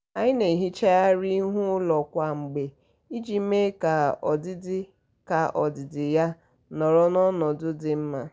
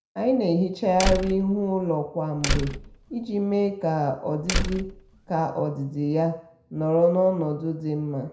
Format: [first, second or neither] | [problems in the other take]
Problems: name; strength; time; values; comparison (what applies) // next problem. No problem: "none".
first | background sound (Slam); 4 dB below the speech // room echo; dies away in 0.5 s